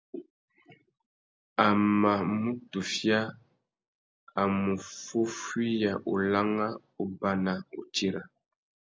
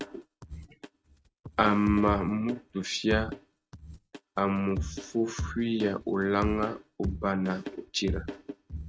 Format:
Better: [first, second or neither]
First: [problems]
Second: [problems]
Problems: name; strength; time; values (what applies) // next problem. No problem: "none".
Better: first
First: none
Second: noise reduction (neural mask model RNNoise)